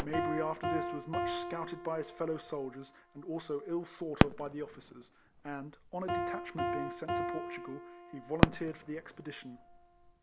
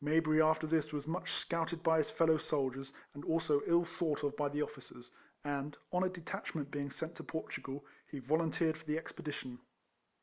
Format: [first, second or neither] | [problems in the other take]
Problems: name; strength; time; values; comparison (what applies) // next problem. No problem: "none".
second | background sound (Fireworks + Piano); 4 dB above the speech